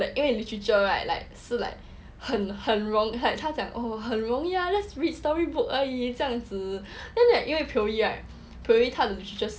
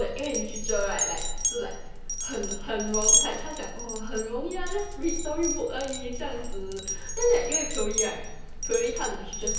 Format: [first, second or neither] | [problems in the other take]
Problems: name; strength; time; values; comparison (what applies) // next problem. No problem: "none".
first | background sound (Glass); 1 dB above the speech // room echo; dies away in 0.9 s